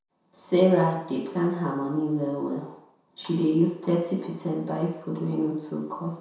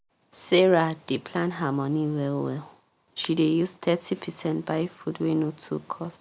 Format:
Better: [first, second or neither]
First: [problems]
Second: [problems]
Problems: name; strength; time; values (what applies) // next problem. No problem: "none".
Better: second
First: room echo; dies away in 0.7 s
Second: none